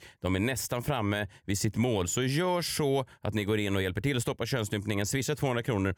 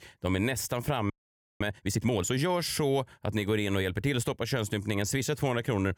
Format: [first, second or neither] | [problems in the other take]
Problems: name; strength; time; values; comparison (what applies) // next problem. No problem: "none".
first | audio freezing; at 1 s for 0.5 s